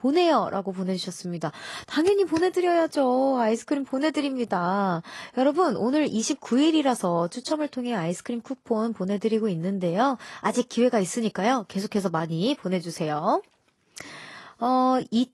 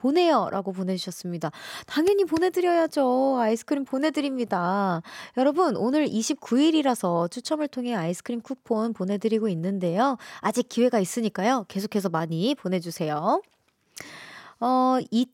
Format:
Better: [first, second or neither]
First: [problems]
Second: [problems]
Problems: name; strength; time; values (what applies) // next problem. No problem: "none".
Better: second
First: garbled, watery; slightly; nothing above 11.5 kHz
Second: none